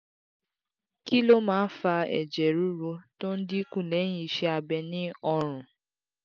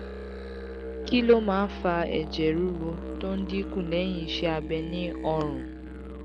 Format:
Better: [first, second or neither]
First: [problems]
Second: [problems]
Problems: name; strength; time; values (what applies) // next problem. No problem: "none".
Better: first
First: none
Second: background sound (Musical instrument); 7 dB below the speech